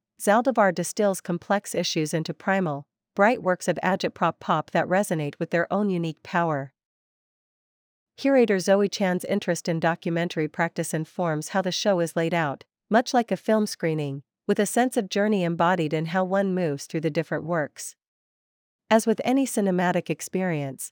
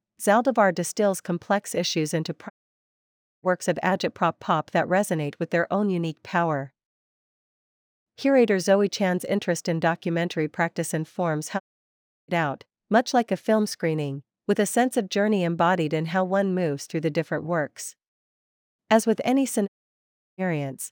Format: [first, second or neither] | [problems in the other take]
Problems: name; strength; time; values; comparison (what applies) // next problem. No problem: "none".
first | audio cutting out; at 2.5 s for 1 s, at 12 s for 0.5 s and at 20 s for 0.5 s